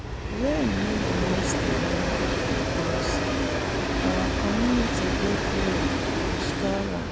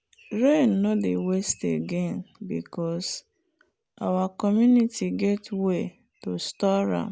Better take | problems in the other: second | background sound (Train); 5 dB above the speech

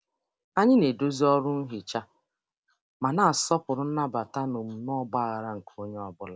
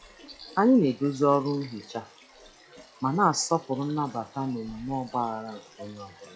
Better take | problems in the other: first | noise reduction (classical method log-MMSE)

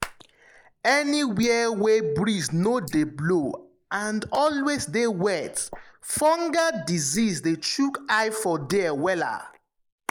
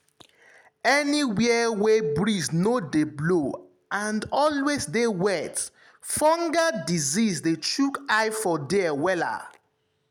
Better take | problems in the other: second | noise reduction (neural mask model Resemble Enhance denoiser)

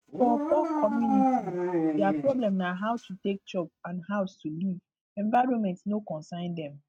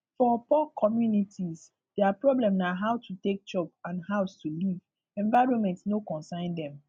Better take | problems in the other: second | noise reduction (neural mask model RNNoise)

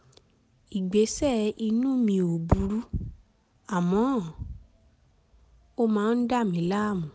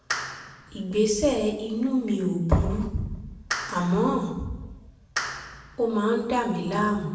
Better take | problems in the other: first | background sound (Clapping); 10 dB below the speech // room echo; dies away in 0.8 s

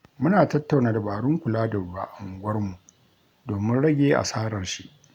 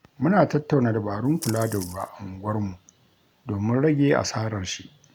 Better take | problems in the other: first | background sound (Splash, splatter); 14 dB below the speech

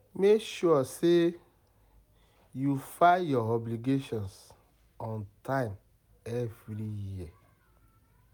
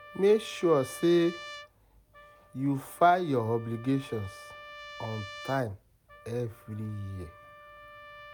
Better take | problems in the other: first | background sound (Trumpet); 17 dB below the speech

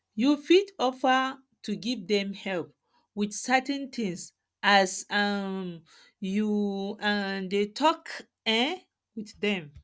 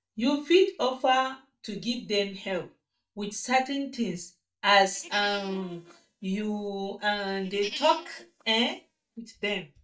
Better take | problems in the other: first | noise reduction (neural mask model DeepFilterNet 3)

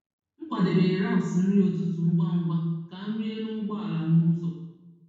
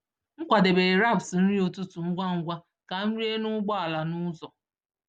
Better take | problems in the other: second | room echo; dies away in 1.1 s

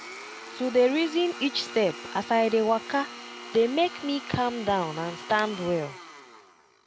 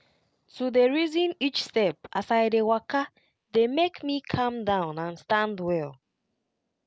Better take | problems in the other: second | background sound (Domestic sounds, home sounds); 14 dB below the speech

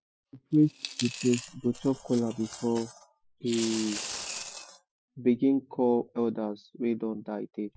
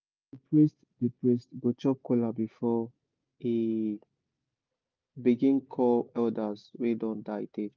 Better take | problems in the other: second | noise reduction (classical method Wiener filter)

